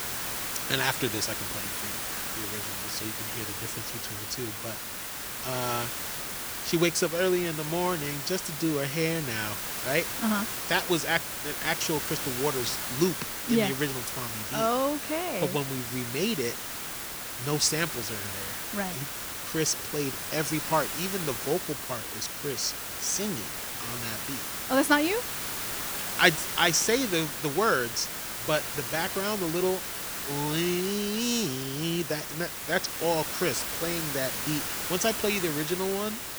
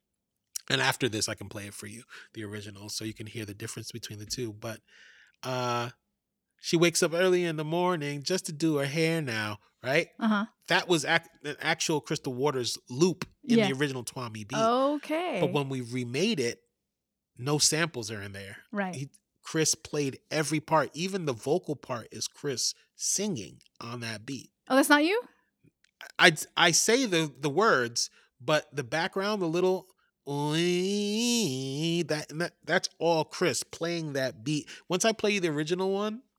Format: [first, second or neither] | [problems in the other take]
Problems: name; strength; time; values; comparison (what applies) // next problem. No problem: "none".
second | hiss; loud; throughout; 3 dB below the speech